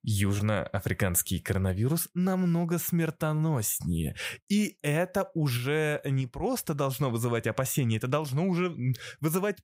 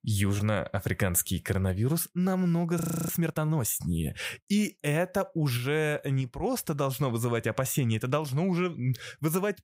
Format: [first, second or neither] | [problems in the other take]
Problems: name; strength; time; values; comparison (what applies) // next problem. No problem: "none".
first | audio freezing; at 3 s